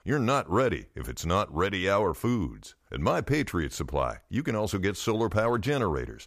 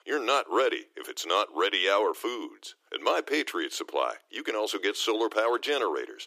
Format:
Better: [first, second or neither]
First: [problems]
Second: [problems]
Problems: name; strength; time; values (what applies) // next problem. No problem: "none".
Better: first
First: none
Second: thin; very; fading below 300 Hz